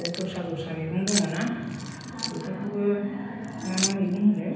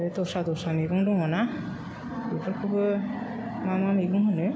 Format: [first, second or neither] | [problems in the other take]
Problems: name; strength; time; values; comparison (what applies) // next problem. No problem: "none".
second | background sound (Keys jangling); 9 dB below the speech // room echo; dies away in 0.9 s